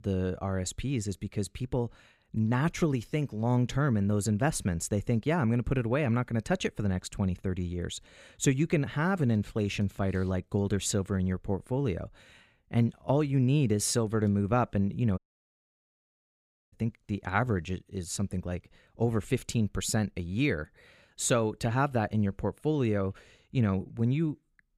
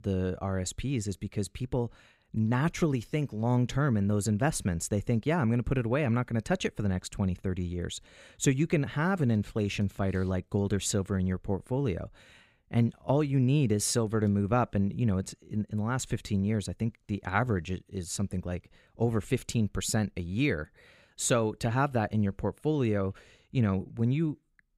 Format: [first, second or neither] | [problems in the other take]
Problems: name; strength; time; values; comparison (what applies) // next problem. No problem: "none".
second | audio cutting out; at 15 s for 1.5 s